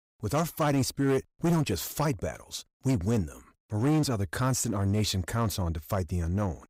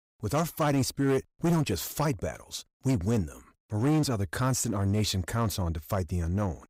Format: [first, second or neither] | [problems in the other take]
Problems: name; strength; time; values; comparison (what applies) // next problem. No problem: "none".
neither | distortion; slight; 8% of the sound clipped; the same in both